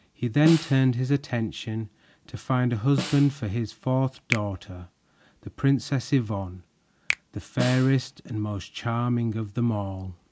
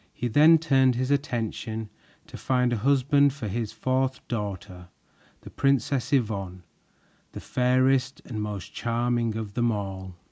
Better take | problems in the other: second | background sound (Snare drum + Finger snapping); 12 dB below the speech

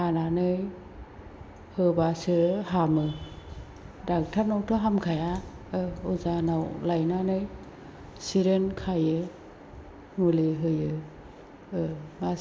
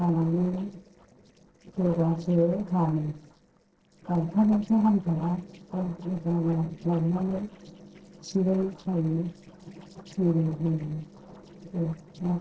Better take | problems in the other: first | noise reduction (neural separator model SepFormer DNS4)

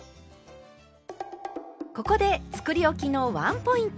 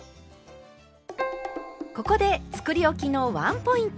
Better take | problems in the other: first | background sound (Keyboard (musical)); 10 dB below the speech

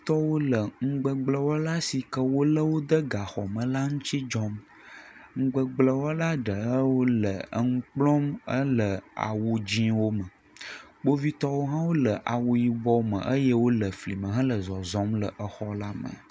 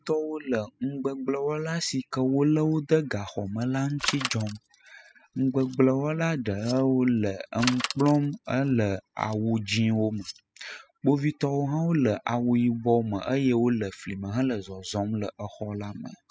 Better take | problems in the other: first | noise reduction (classical method spectral subtraction)

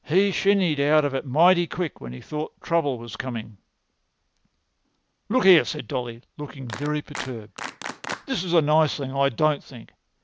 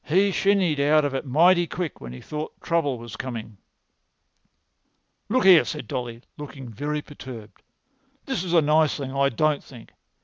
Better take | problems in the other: second | background sound (Clapping); 12 dB below the speech

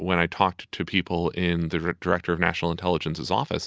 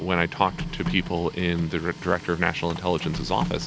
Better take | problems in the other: first | background sound (Printer); 8 dB below the speech

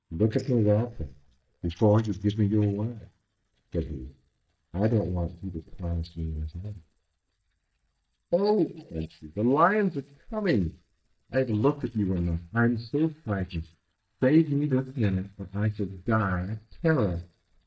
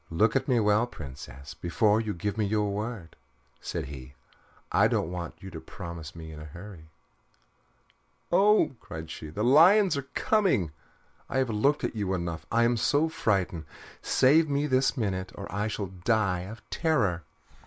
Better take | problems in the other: second | noise reduction (neural mask model DeepFilterNet 3)

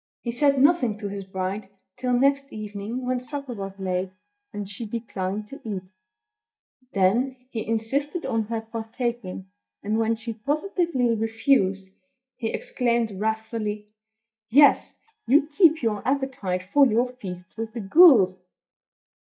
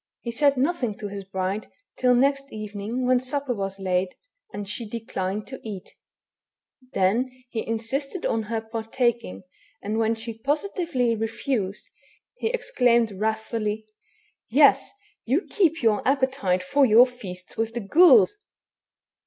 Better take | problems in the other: second | noise reduction (neural mask model DeepFilterNet 3)

